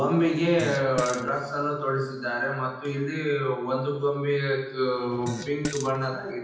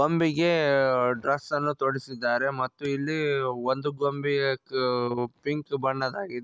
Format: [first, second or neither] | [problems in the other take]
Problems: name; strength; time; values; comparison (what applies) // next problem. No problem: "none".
second | background sound (Fart); 11 dB below the speech // room echo; dies away in 0.9 s